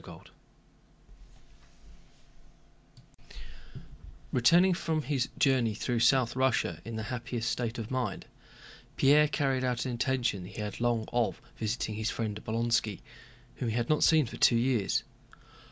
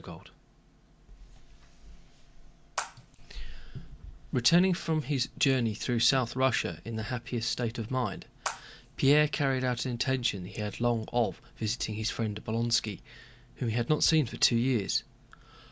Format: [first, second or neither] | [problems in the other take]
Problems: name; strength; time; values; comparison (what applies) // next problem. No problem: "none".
first | background sound (Water / Splash, splatter); 13 dB below the speech